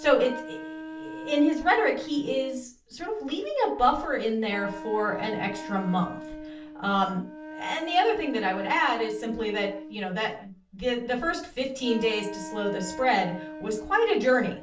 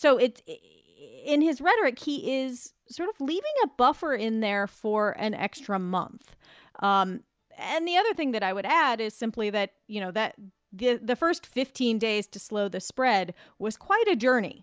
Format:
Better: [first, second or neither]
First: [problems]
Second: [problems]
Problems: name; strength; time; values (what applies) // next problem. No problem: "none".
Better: second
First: background sound (Wind instrument, woodwind instrument); 13 dB below the speech // room echo; dies away in 0.4 s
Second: none